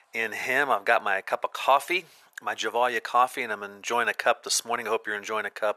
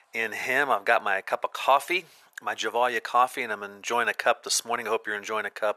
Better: neither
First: thin; very; fading below 700 Hz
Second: thin; very; fading below 700 Hz

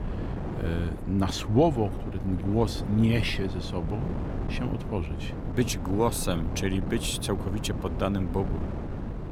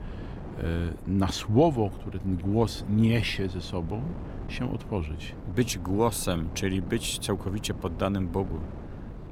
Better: second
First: wind noise on the microphone; heavy; 9 dB below the speech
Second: wind noise on the microphone; occasional gusts; 15 dB below the speech

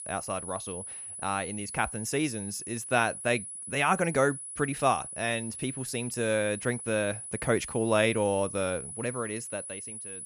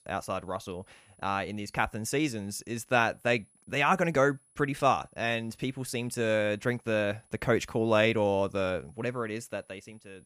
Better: second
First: high-pitched whine; loud; throughout; 10 kHz, 8 dB below the speech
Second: high-pitched whine; faint; throughout; 10 kHz, 35 dB below the speech

